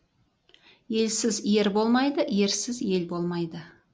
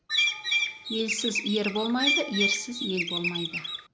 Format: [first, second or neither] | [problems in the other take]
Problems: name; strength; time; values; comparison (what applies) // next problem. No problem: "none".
first | background sound (Bird); 2 dB above the speech